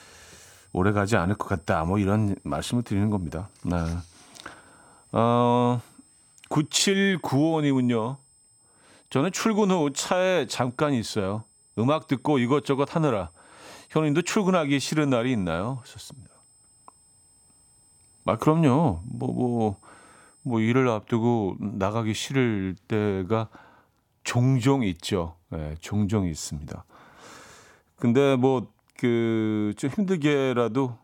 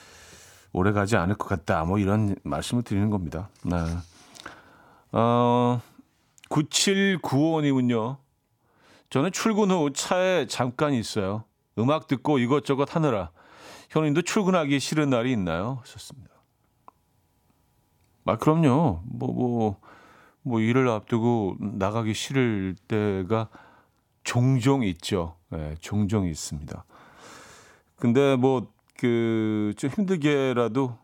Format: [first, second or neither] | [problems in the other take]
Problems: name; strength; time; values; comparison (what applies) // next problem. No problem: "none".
second | high-pitched whine; faint; until 21 s; 8 kHz, 30 dB below the speech